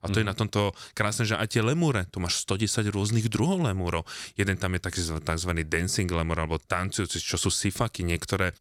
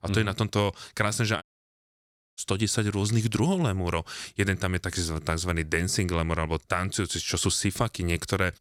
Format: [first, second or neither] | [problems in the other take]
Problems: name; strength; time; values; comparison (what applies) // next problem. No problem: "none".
first | audio cutting out; at 1.5 s for 1 s